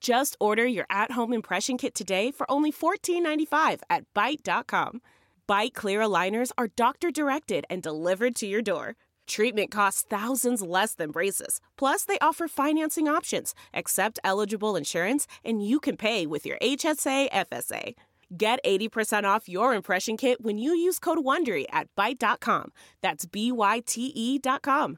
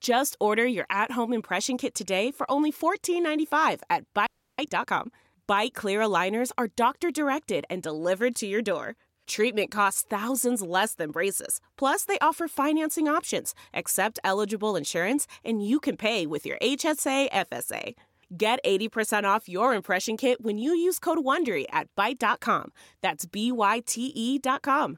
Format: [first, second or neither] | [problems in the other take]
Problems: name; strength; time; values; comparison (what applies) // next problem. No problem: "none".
first | audio freezing; at 4.5 s